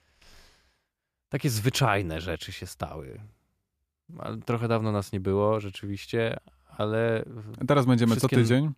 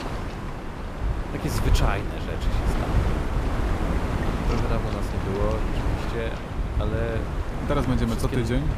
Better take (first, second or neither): first